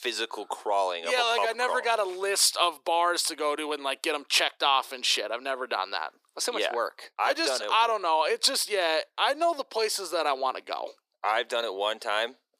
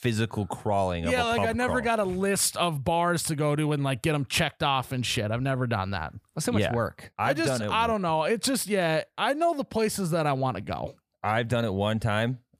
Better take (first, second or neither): second